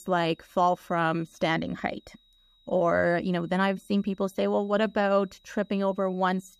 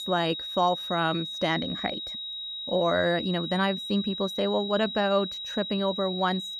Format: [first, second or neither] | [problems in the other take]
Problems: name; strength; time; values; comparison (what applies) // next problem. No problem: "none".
first | high-pitched whine; loud; throughout; 4 kHz, 5 dB below the speech; faint in the first